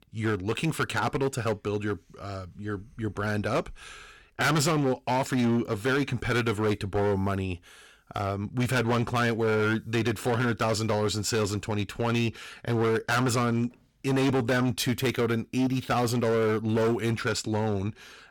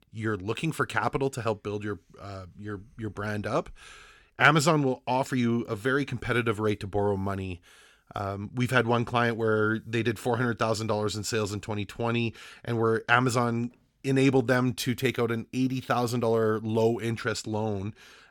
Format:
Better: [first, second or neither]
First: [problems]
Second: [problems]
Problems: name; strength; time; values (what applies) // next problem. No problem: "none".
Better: second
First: distortion; heavy; 13% of the sound clipped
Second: none